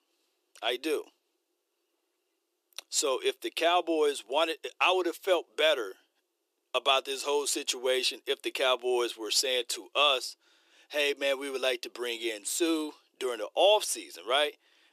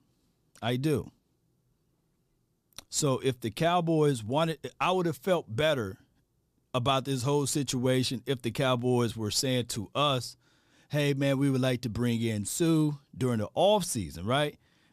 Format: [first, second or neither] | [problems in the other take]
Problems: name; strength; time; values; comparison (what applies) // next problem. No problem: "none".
second | thin; very; fading below 350 Hz